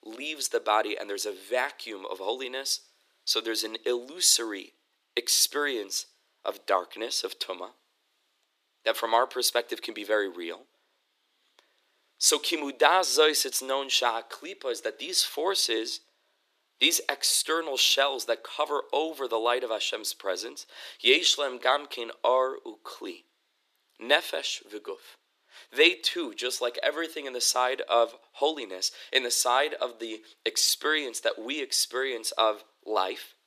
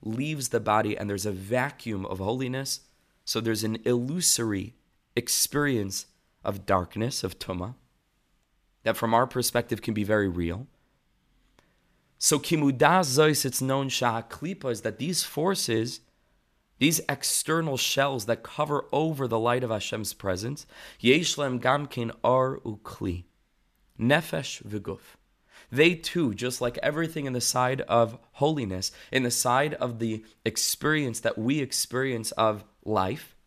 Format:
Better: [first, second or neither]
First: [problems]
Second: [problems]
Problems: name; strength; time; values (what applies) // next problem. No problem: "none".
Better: second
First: thin; very; fading below 350 Hz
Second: none